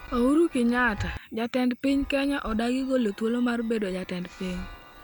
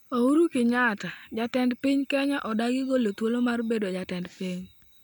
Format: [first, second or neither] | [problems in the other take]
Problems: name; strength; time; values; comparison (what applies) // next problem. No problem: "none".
second | background sound (Chime); 16 dB below the speech